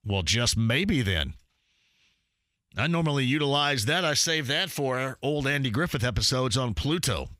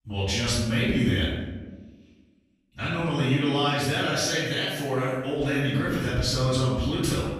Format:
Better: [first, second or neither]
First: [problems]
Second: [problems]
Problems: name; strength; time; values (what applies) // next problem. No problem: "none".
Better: first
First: none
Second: off-mic speech; far // room echo; strong; dies away in 1.1 s